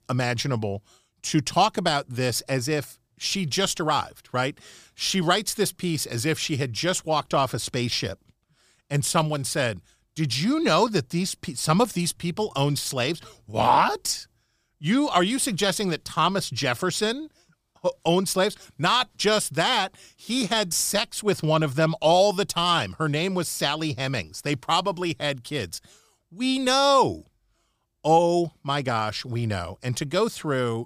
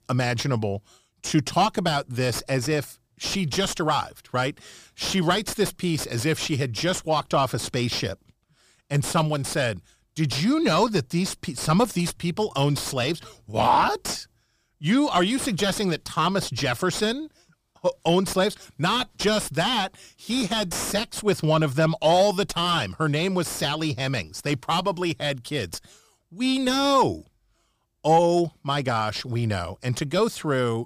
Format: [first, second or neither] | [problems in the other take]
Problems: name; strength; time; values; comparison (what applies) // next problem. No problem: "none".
first | distortion; slight; 9 dB below the speech